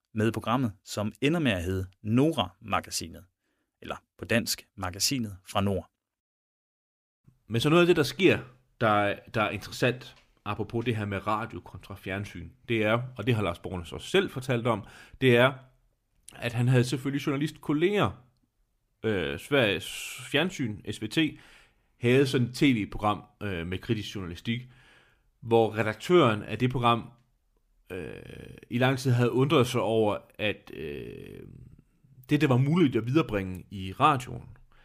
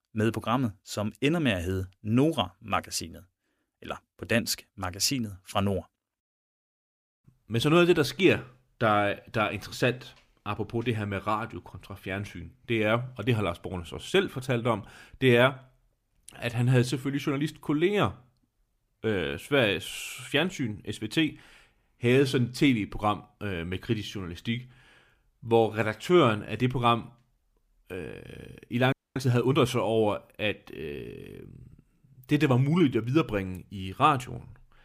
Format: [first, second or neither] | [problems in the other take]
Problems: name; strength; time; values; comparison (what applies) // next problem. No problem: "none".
first | audio freezing; at 29 s